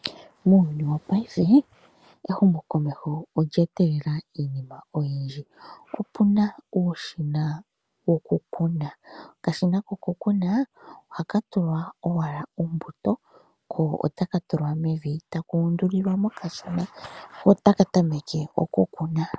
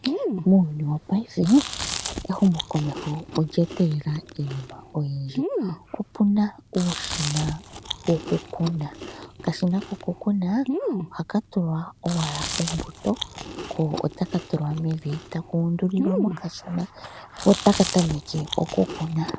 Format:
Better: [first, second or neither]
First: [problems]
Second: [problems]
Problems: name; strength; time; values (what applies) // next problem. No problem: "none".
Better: first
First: none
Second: background sound (Chewing, mastication); 8 dB below the speech